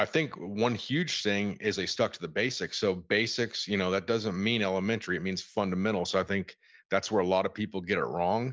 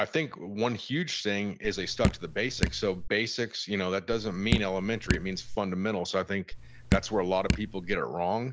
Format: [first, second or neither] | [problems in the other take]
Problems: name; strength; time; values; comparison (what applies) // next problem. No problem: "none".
first | background sound (Drip); 1 dB below the speech